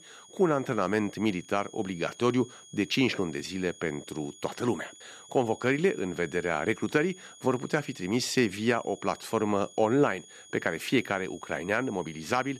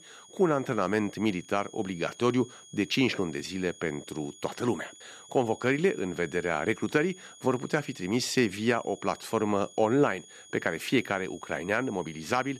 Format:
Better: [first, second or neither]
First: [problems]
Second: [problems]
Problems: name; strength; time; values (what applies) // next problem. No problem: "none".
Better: neither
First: high-pitched whine; faint; throughout; 6.5 kHz, 20 dB below the speech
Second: high-pitched whine; faint; throughout; 6.5 kHz, 20 dB below the speech